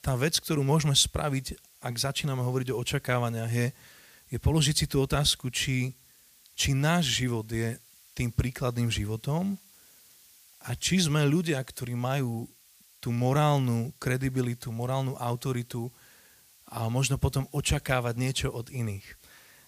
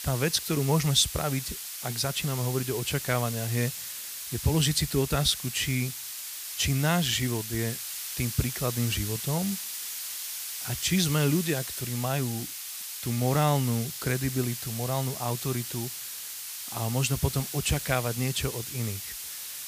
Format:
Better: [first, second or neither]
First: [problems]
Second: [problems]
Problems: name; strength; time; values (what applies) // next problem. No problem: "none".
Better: first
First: hiss; faint; throughout; 25 dB below the speech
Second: hiss; loud; throughout; 6 dB below the speech